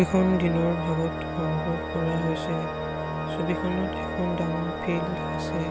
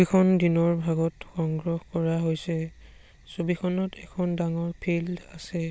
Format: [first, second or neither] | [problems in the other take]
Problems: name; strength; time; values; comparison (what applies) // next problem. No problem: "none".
second | background sound (Organ); 2 dB below the speech